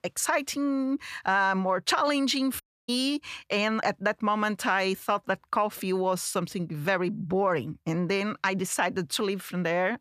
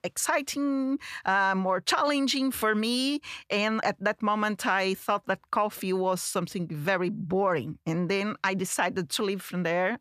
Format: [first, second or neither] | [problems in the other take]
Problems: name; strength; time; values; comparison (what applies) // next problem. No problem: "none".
second | audio cutting out; at 2.5 s